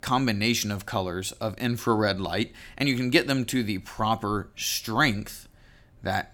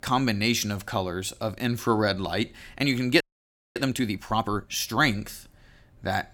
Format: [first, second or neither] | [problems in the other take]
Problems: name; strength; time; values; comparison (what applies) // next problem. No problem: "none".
first | audio freezing; at 3 s for 0.5 s